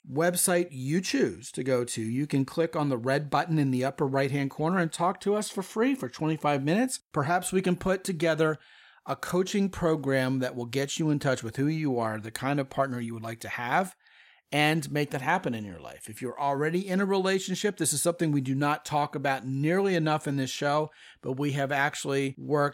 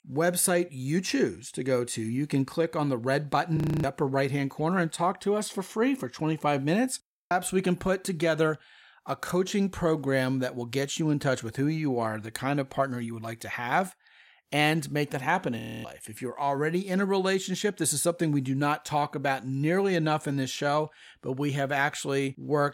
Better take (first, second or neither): first